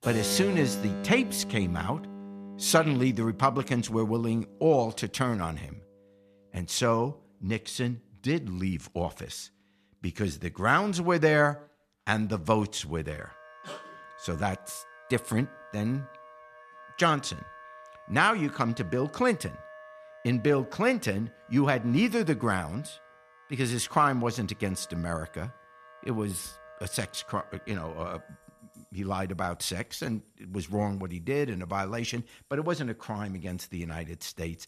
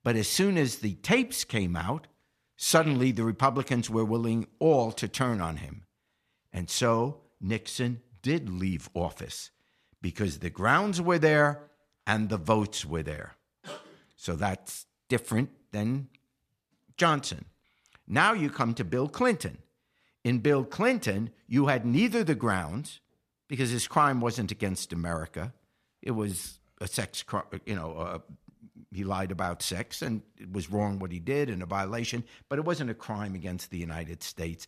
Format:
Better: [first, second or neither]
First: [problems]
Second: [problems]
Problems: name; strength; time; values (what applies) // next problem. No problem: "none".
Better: second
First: background music; noticeable; throughout; 15 dB below the speech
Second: none